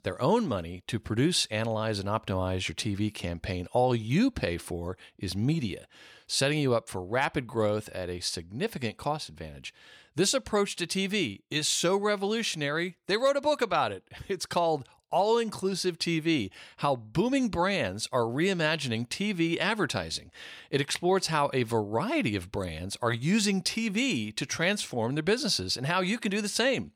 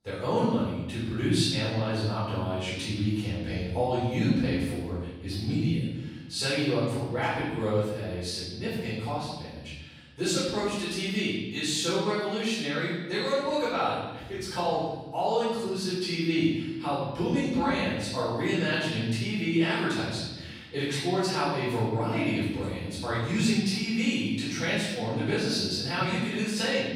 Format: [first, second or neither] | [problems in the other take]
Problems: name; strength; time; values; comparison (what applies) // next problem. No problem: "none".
first | off-mic speech; far // room echo; strong; dies away in 1.3 s